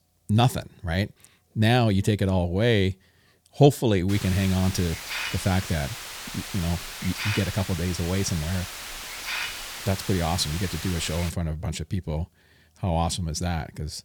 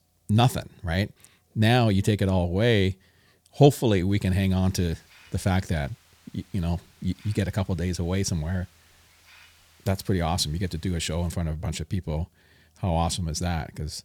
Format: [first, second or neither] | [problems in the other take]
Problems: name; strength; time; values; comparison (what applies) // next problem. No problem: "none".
second | hiss; loud; from 4 to 11 s; 7 dB below the speech; faint in the second